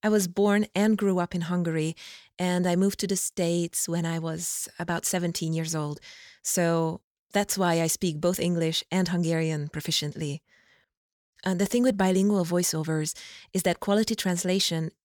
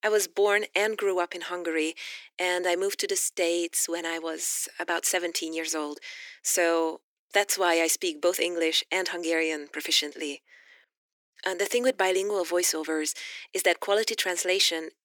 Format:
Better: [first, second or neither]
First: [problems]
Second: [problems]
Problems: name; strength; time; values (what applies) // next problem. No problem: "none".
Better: first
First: none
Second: thin; very; fading below 300 Hz